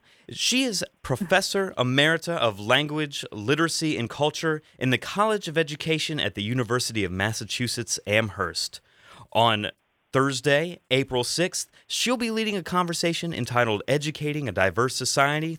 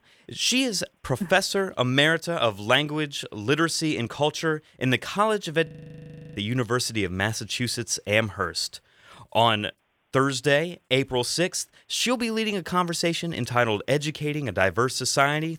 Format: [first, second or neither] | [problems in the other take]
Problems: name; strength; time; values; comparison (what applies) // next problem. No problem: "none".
first | audio freezing; at 5.5 s for 0.5 s